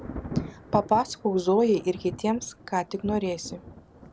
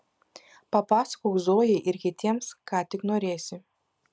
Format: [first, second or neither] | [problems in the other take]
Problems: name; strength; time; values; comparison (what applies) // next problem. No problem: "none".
second | background sound (Thunder); 11 dB below the speech